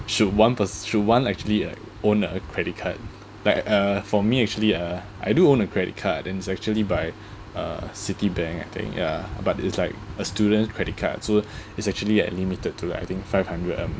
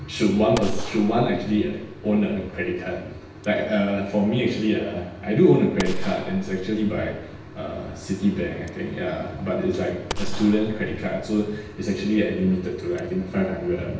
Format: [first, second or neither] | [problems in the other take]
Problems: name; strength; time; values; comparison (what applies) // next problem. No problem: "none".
first | background sound (Gunshot, gunfire); 10 dB below the speech // room echo; dies away in 0.9 s